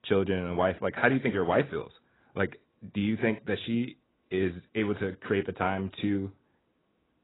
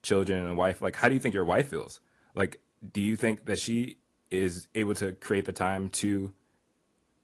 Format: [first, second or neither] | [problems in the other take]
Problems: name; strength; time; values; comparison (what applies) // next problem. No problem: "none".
second | garbled, watery; badly; nothing above 4 kHz; slightly in the second